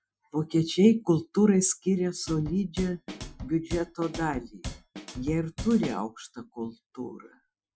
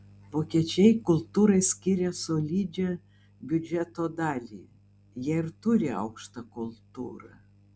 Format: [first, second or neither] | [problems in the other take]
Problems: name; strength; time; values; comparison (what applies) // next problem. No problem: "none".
second | noise reduction (classical method Wiener filter)